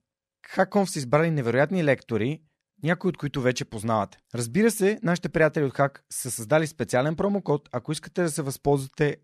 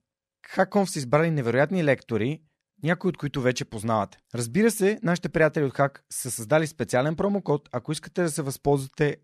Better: neither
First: none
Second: none

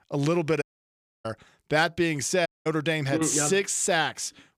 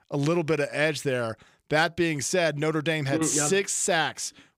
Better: second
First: audio cutting out; at 0.5 s for 0.5 s and at 2.5 s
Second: none

